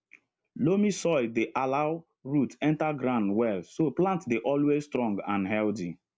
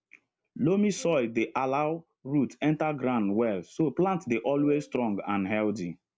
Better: first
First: none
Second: background sound (Wind instrument, woodwind instrument); 18 dB below the speech

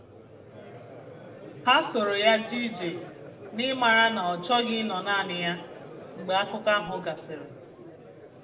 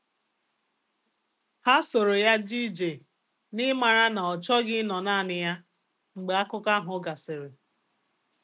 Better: second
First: background sound (Crowd); 15 dB below the speech // room echo; dies away in 0.6 s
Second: none

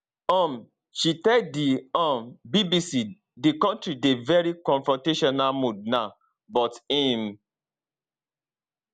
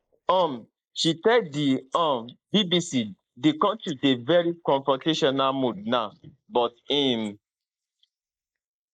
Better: first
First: none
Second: noise reduction (neural mask model Resemble Enhance denoiser)

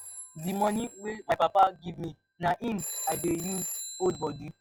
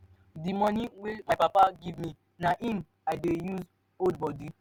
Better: second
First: noise reduction (classical method log-MMSE)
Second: none

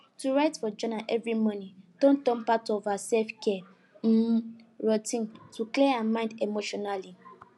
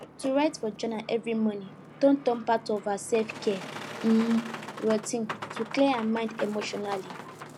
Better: first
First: none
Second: background sound (Boat, Water vehicle); 13 dB below the speech

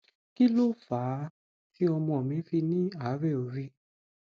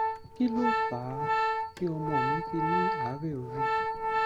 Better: first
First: none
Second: background sound (Organ); 4 dB above the speech

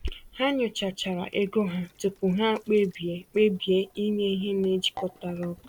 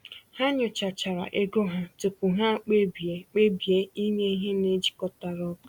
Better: second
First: background sound (Sink (filling or washing)); 18 dB below the speech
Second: none

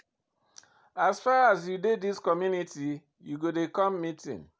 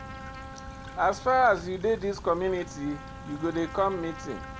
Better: first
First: none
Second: background sound (Trumpet + Stream / Trickle, dribble); 12 dB below the speech

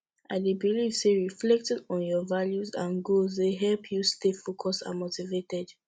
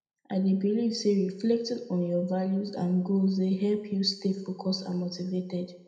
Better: first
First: none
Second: room echo; dies away in 0.7 s

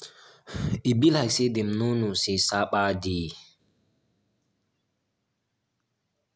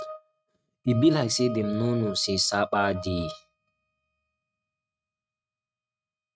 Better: first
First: none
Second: noise reduction (neural mask model RNNoise)

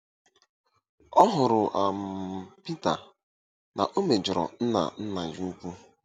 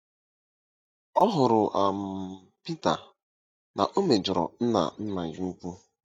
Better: first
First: none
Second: noise reduction (neural mask model DeepFilterNet 3)

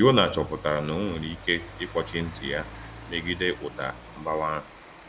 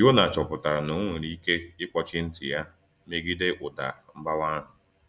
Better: second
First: background sound (Rain); 16 dB below the speech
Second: none

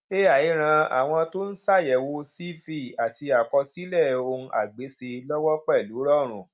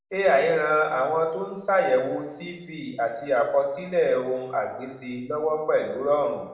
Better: first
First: none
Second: room echo; dies away in 0.8 s

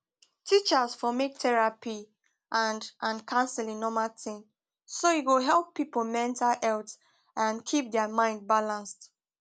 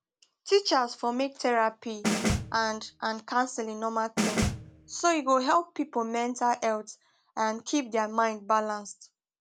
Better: first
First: none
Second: background sound (Snare drum); 2 dB below the speech

